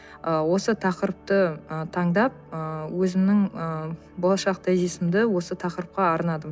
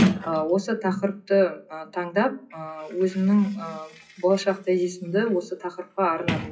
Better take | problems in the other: first | noise reduction (classical method WPE with log-MMSE)

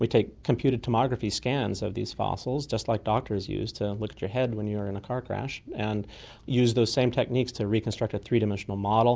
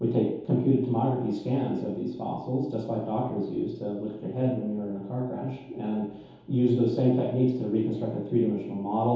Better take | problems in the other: first | room echo; dies away in 0.8 s

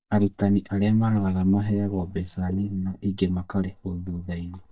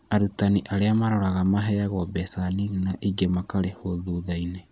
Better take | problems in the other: second | noise reduction (neural mask model DeepFilterNet 3)

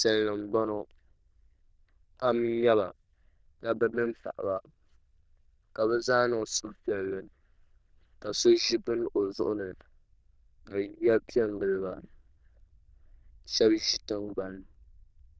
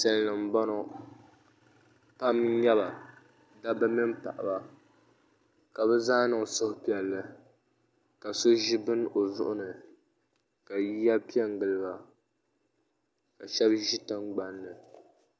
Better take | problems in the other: second | noise reduction (neural diffusion model UNIVERSE++)

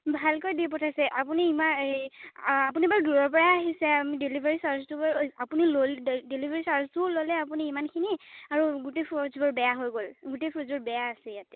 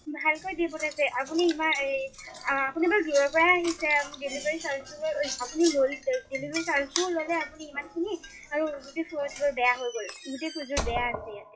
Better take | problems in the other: first | noise reduction (classical method WPE with log-MMSE)

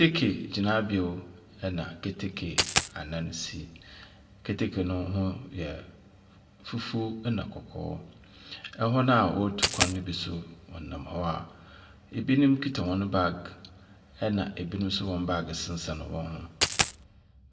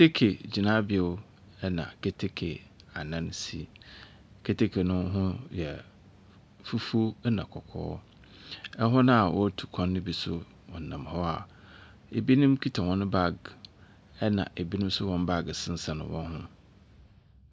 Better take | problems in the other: second | background sound (Coin (dropping)); 3 dB above the speech // room echo; dies away in 0.7 s

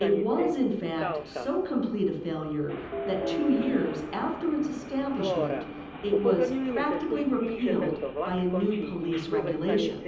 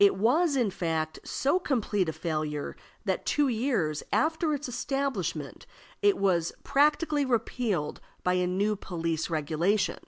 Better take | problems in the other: second | background sound (Subway, metro, underground); 4 dB below the speech // room echo; dies away in 0.9 s

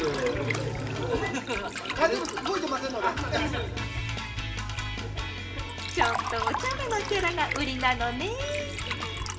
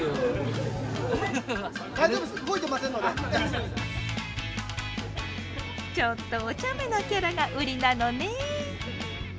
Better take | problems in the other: second | background sound (Liquid); 8 dB below the speech // room echo; dies away in 0.7 s

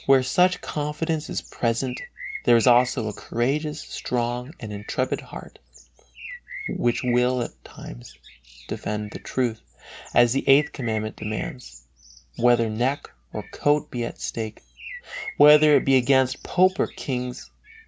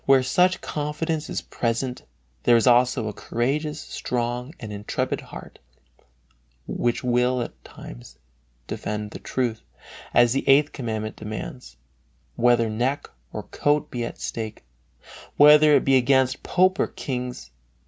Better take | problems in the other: second | background sound (Bird); 17 dB below the speech

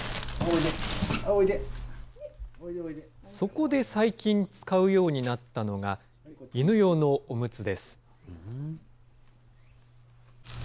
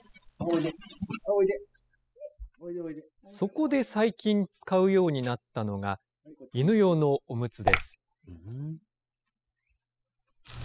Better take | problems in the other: first | noise reduction (classical method spectral subtraction)

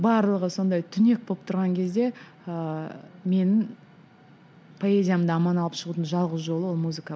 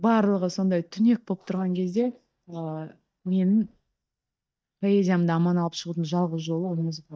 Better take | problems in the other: first | noise reduction (neural mask model DeepFilterNet 3)

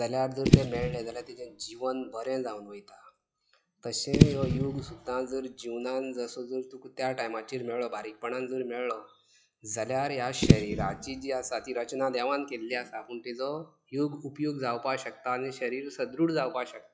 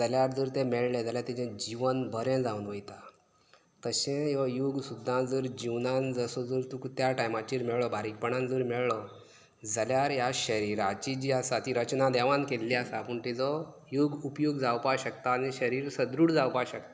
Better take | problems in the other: second | noise reduction (classical method log-MMSE)

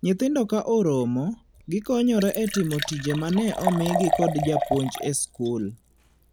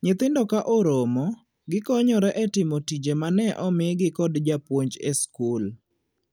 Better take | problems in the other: second | background sound (Liquid); 7 dB below the speech

